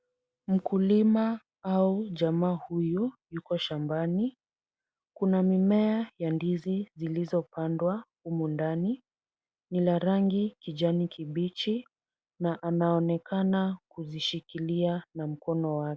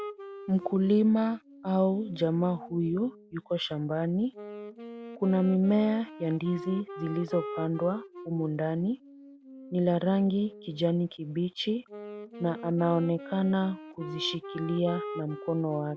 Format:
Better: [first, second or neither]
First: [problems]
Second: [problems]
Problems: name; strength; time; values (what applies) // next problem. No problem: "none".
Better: first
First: none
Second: background sound (Wind instrument, woodwind instrument); 14 dB below the speech